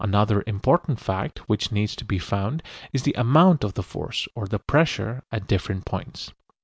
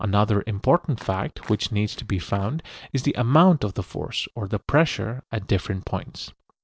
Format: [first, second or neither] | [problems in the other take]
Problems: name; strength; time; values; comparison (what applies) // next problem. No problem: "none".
first | noise reduction (neural separator model SepFormer DNS4)